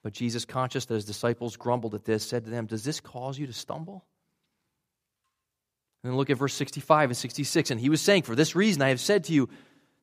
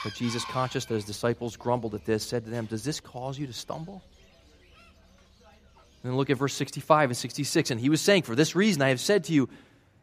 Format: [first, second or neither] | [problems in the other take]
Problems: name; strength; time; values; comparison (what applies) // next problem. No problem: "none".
first | animal sounds; faint; throughout; 20 dB below the speech